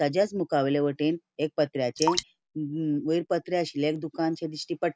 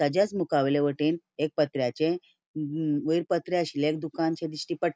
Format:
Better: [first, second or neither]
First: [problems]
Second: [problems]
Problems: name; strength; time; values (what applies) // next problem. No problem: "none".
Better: second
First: background sound (Drip); 9 dB below the speech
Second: none